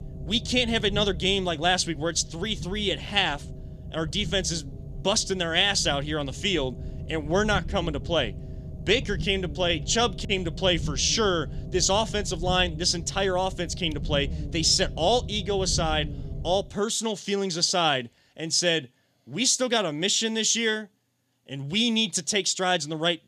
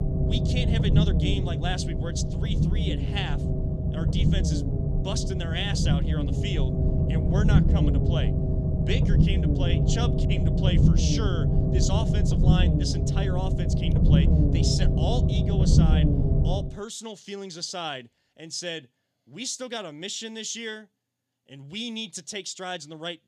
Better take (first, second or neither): first